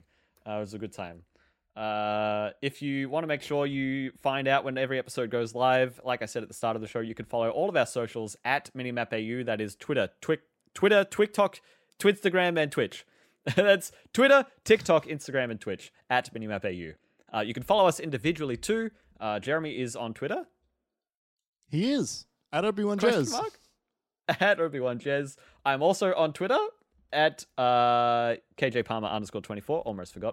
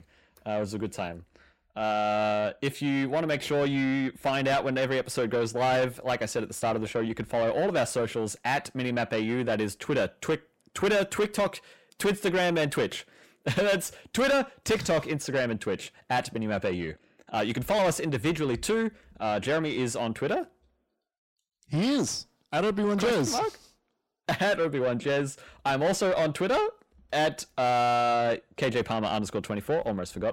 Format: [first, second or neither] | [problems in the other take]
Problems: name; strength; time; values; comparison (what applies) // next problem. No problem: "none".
first | distortion; heavy; 6 dB below the speech